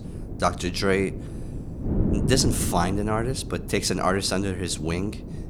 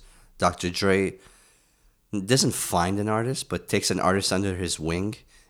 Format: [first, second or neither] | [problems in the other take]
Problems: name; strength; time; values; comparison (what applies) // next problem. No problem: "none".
second | wind noise on the microphone; occasional gusts; 15 dB below the speech